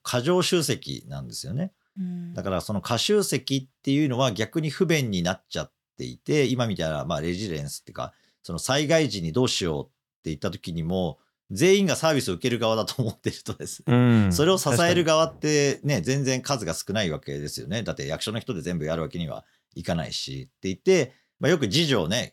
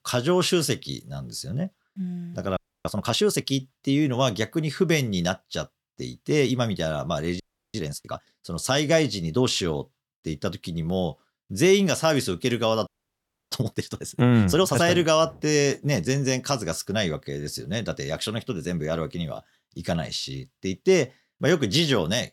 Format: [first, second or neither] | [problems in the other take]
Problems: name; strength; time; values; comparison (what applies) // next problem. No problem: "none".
first | audio freezing; at 2.5 s, at 7.5 s and at 13 s for 0.5 s